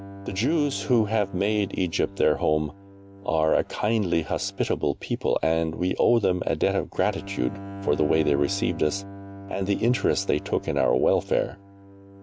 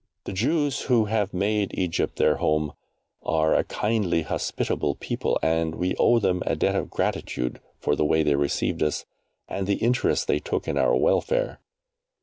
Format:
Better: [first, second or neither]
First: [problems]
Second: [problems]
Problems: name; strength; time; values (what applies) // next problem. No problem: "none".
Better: second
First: background sound (Bowed string instrument); 16 dB below the speech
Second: none